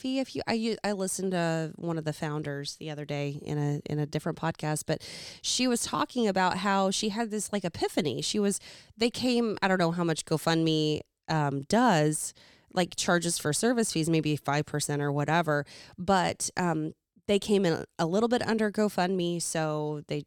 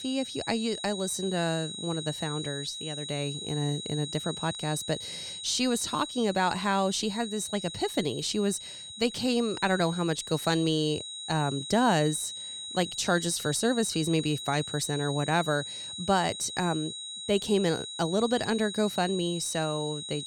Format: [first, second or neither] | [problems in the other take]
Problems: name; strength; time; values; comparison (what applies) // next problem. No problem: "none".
first | high-pitched whine; loud; throughout; 4 kHz, 8 dB below the speech